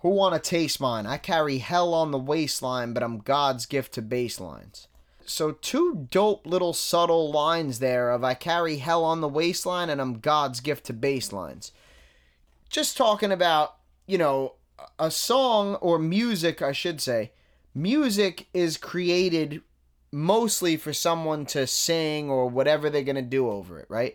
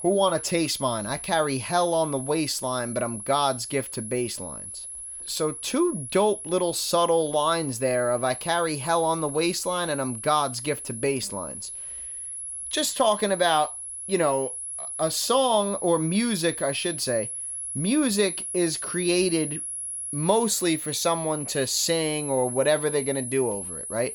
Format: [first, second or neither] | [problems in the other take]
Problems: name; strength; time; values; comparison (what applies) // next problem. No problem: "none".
first | high-pitched whine; loud; throughout; 10.5 kHz, 7 dB below the speech